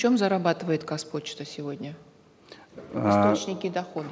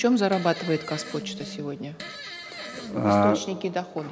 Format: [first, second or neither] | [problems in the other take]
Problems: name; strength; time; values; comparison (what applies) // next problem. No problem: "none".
first | background sound (Fart); 12 dB below the speech